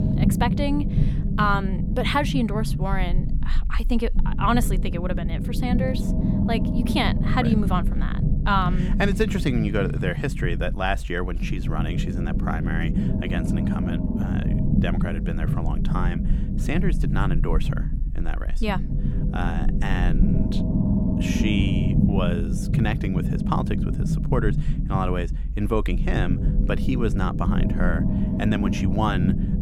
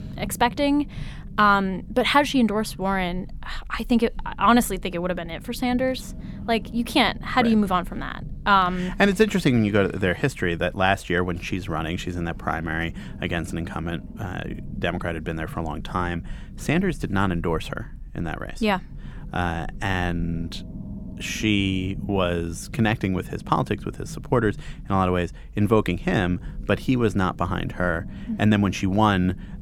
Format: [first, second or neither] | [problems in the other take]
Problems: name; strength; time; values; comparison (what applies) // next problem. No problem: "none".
second | low rumble; loud; throughout; 6 dB below the speech; faint in the second